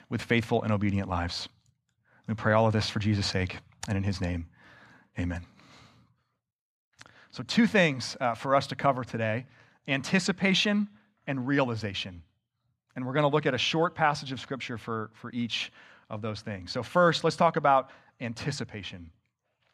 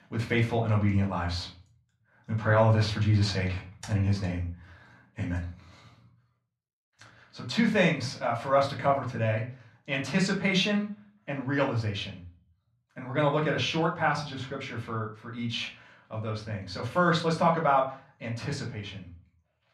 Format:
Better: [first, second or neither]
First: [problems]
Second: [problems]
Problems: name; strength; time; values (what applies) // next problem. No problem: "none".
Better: first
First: none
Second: room echo; slight; dies away in 0.3 s // off-mic speech; far